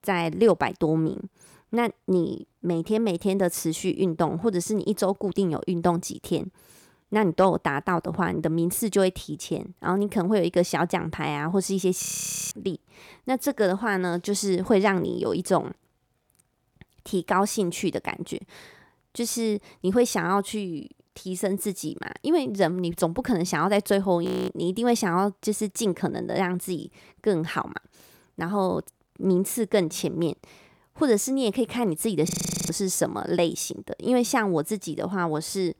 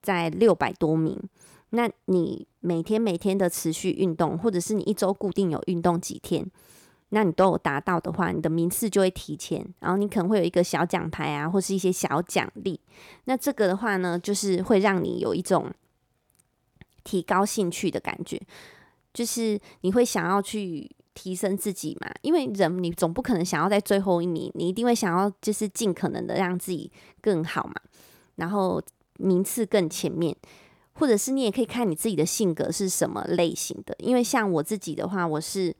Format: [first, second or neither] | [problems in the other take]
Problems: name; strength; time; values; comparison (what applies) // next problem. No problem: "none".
second | audio freezing; at 12 s, at 24 s and at 32 s